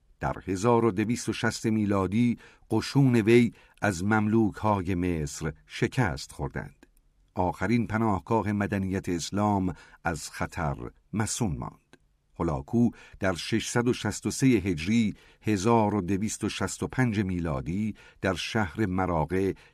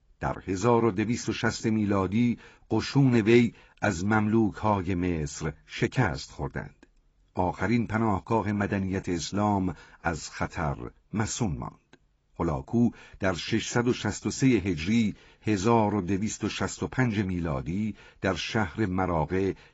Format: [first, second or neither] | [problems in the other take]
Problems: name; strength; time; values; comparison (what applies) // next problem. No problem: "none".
first | garbled, watery; badly; nothing above 7.5 kHz